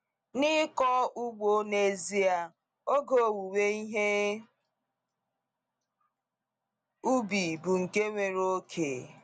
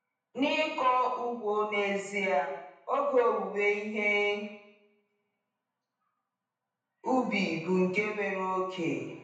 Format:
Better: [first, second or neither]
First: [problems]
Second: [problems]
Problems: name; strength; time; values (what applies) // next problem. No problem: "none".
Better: first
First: none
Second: room echo; dies away in 0.9 s